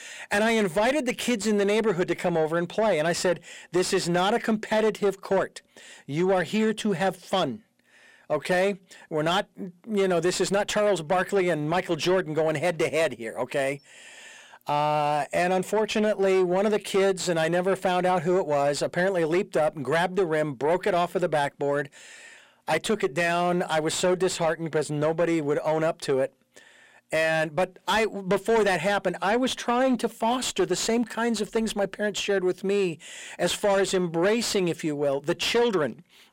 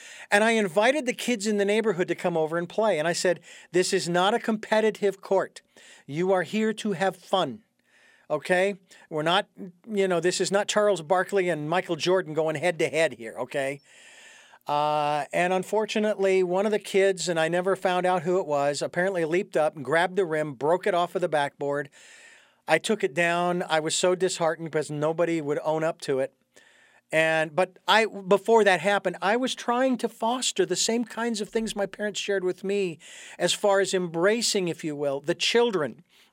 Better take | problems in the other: second | distortion; slight; 10 dB below the speech

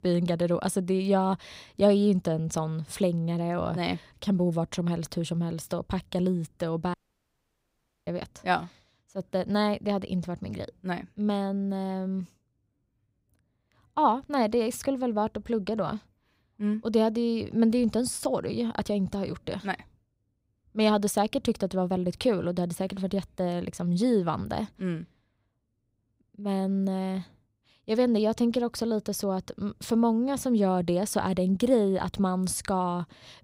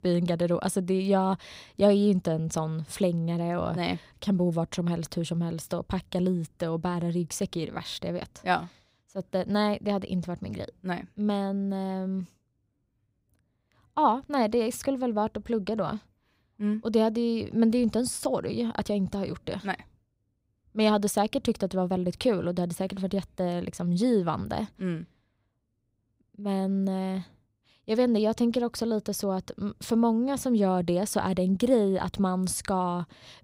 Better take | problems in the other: second | audio cutting out; at 7 s for 1 s

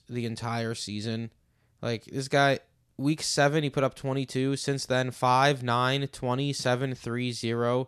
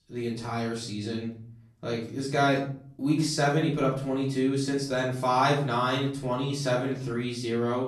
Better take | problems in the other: first | off-mic speech; far // room echo; noticeable; dies away in 0.6 s

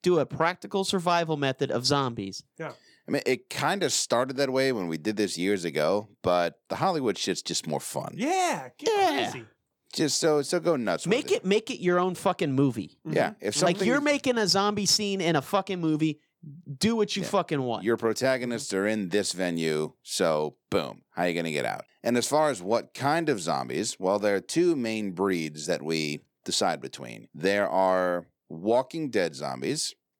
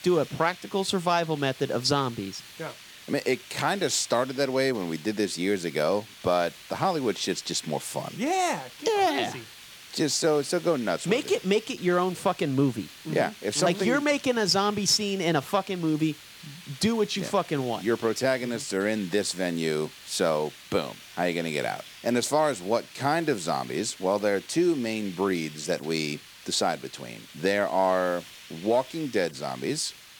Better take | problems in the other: first | hiss; noticeable; throughout; 15 dB below the speech

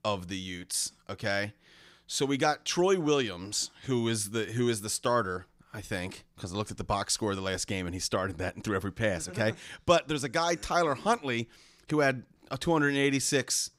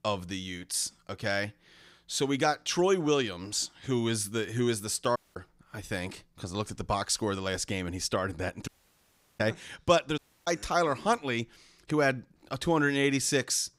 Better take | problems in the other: first | audio cutting out; at 5 s, at 8.5 s for 0.5 s and at 10 s

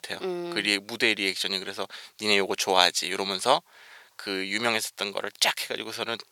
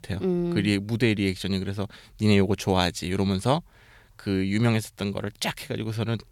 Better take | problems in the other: second | thin; very; fading below 600 Hz

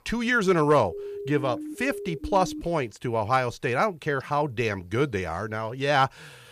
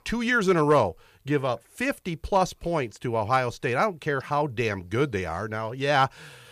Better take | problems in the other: second | siren; noticeable; from 1 to 2.5 s; peak 10 dB below the speech

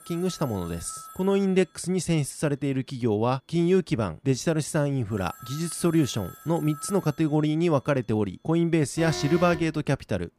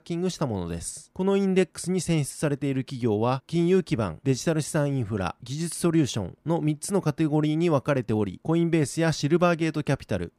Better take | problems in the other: second | alarms or sirens; noticeable; throughout; 15 dB below the speech

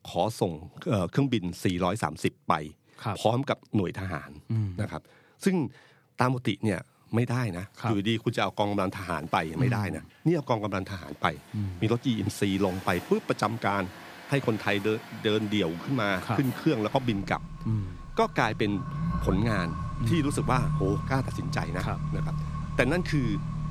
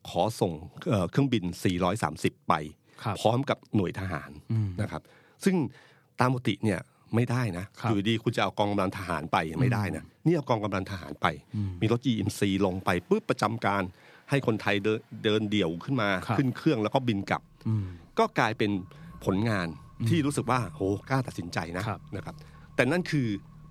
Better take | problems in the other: second | traffic noise; loud; throughout; 7 dB below the speech; faint in the second

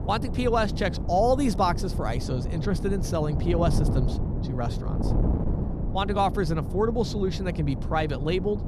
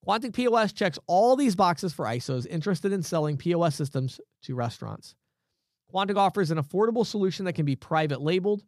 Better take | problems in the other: second | wind noise on the microphone; occasional gusts; 10 dB below the speech

